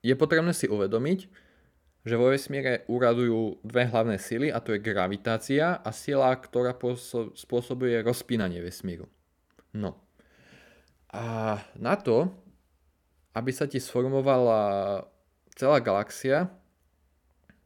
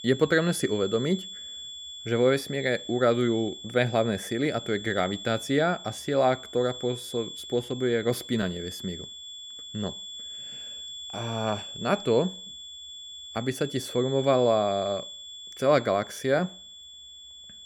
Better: first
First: none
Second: high-pitched whine; noticeable; throughout; 3.5 kHz, 10 dB below the speech

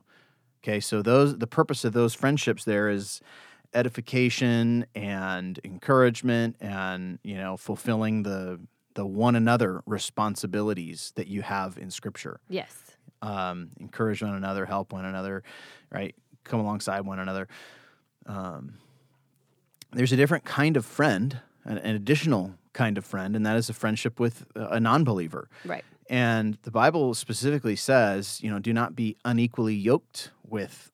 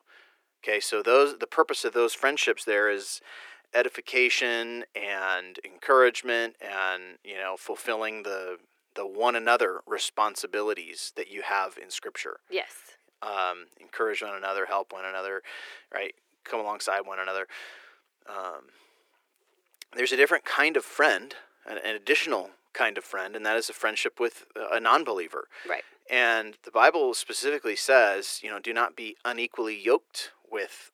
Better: first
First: none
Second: thin; very; fading below 350 Hz

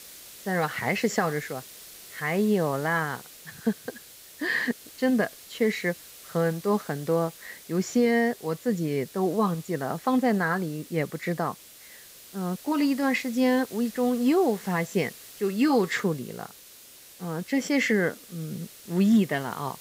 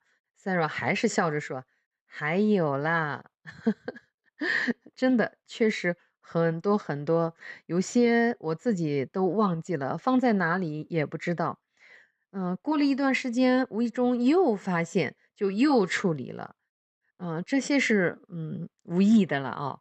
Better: second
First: hiss; noticeable; throughout; 20 dB below the speech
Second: none

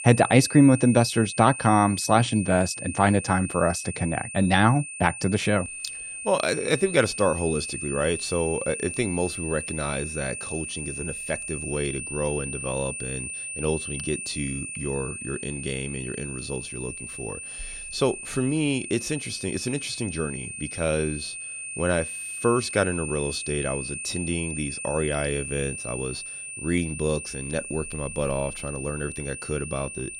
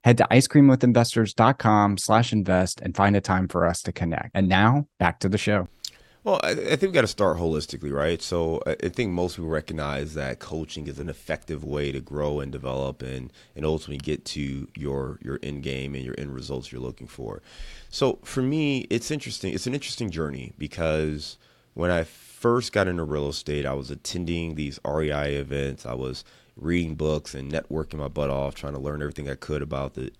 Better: second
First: high-pitched whine; loud; throughout; 2.5 kHz, 7 dB below the speech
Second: none

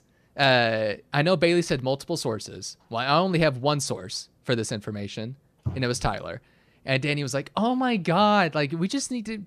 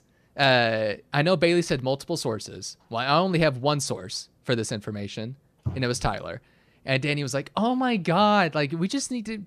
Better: neither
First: none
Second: none

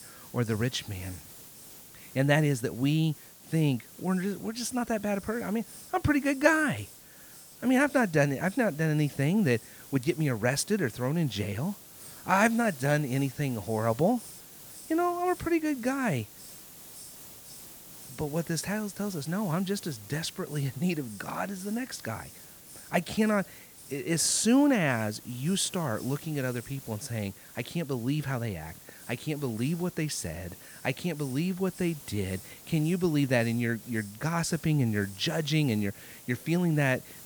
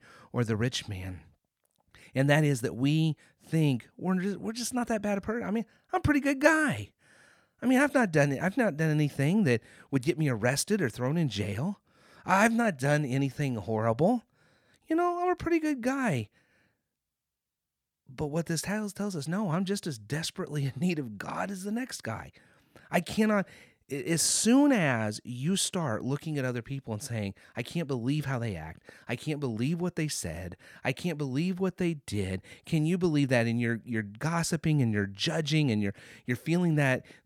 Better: second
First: hiss; noticeable; throughout; 15 dB below the speech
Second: none

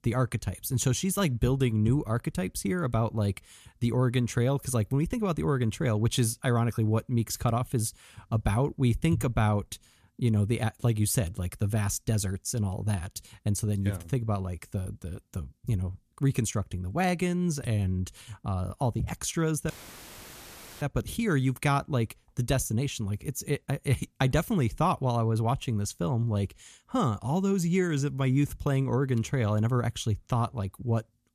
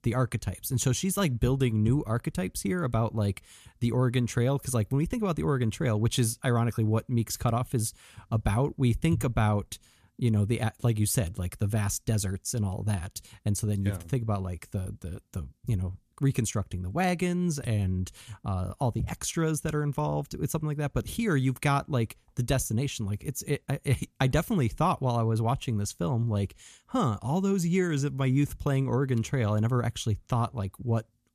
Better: second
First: audio cutting out; filled with static; at 20 s for 1 s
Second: none

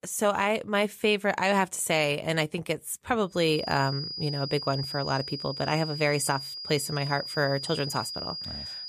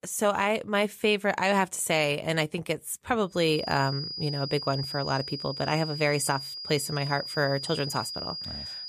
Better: neither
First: high-pitched whine; loud; from 3.5 s on; 5 kHz, 7 dB below the speech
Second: high-pitched whine; loud; from 3.5 s on; 5 kHz, 7 dB below the speech

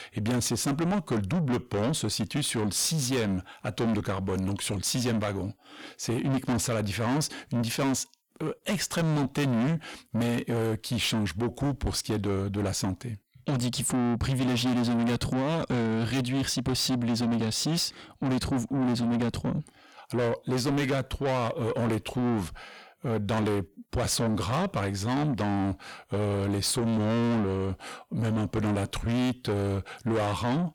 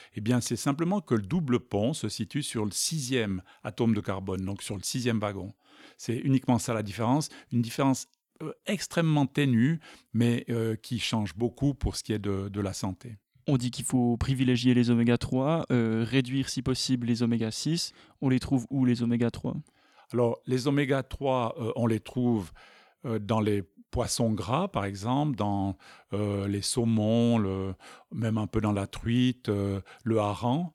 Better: second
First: distortion; heavy; 6 dB below the speech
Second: none

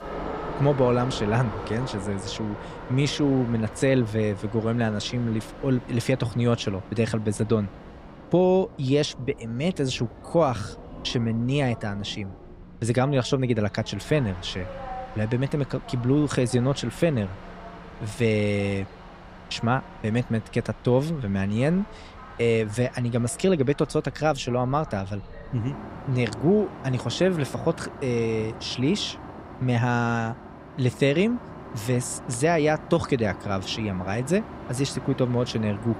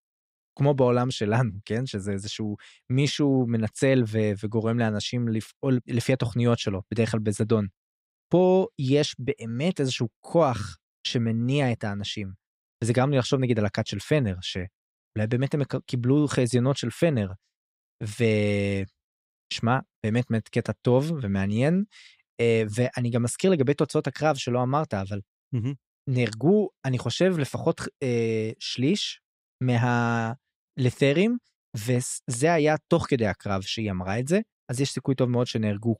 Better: second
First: train or aircraft noise; noticeable; throughout; 15 dB below the speech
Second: none

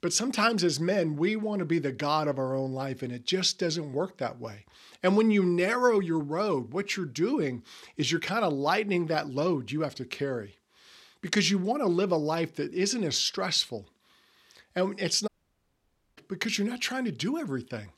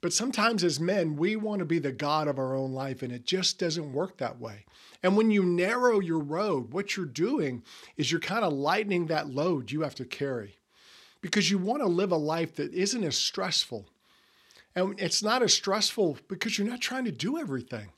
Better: second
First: audio cutting out; at 15 s for 1 s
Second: none

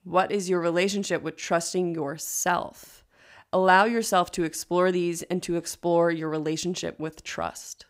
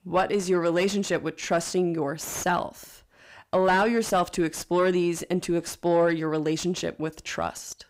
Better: first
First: none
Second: distortion; slight; 10 dB below the speech

